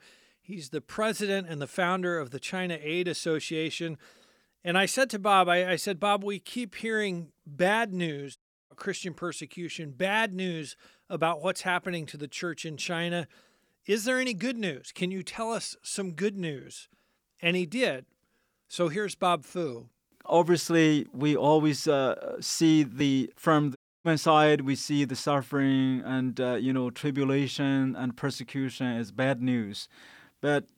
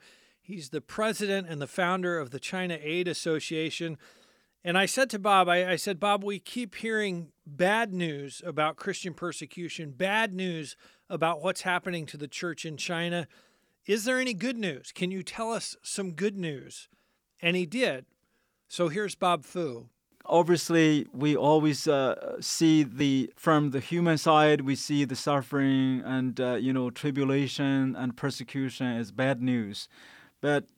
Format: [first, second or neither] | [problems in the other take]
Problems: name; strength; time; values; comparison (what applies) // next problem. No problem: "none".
second | audio cutting out; at 8.5 s and at 24 s